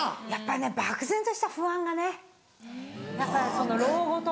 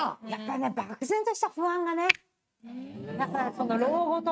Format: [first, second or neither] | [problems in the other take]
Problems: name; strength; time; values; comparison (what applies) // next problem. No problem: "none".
first | noise reduction (neural mask model RNNoise)